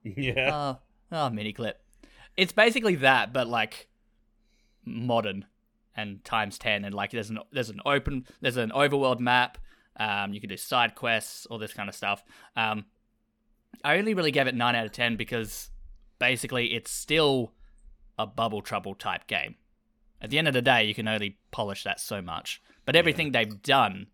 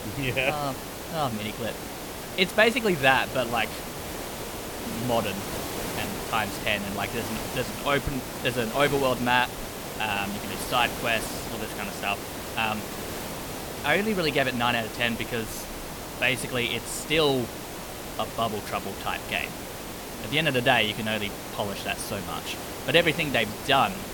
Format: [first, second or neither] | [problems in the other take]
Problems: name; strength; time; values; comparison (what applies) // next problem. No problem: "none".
first | hiss; loud; throughout; 8 dB below the speech